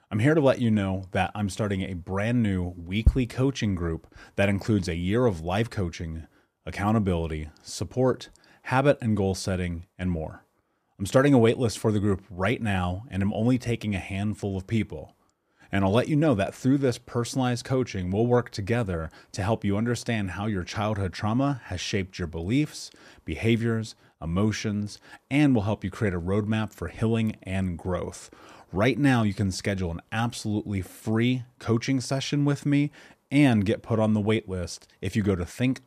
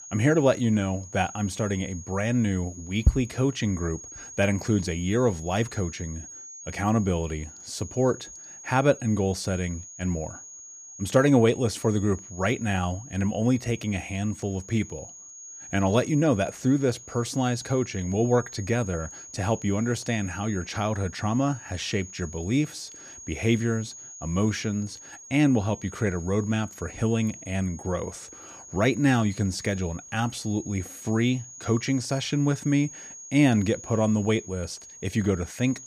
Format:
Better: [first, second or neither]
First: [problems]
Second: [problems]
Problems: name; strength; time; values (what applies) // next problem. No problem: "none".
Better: first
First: none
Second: high-pitched whine; noticeable; throughout; 6.5 kHz, 15 dB below the speech